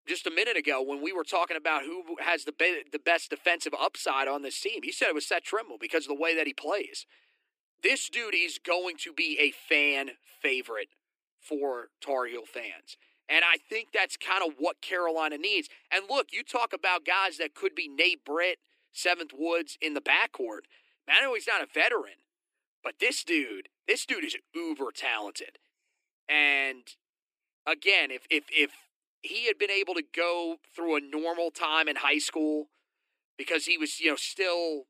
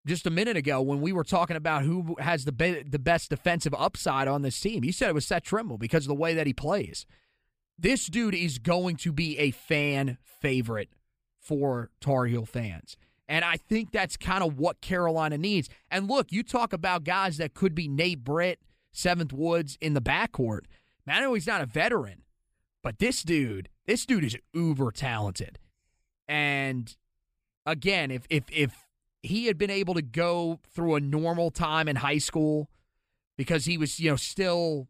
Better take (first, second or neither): second